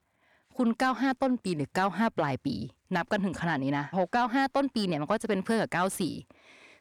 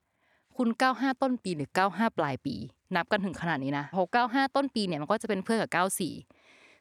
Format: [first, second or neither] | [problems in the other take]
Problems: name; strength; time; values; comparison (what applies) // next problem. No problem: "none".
second | distortion; slight; 10 dB below the speech